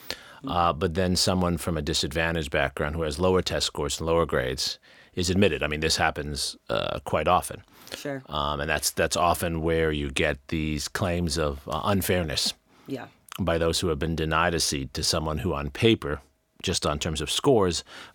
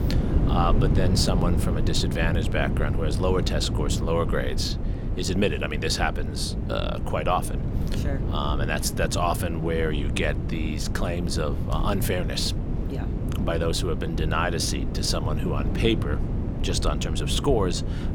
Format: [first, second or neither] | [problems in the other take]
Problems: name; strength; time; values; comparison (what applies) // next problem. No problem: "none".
first | wind noise on the microphone; heavy; 9 dB below the speech